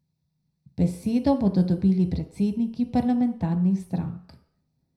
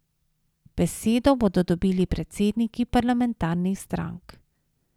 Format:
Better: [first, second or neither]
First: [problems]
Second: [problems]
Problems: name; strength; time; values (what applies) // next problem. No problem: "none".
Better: second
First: room echo; dies away in 0.4 s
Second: none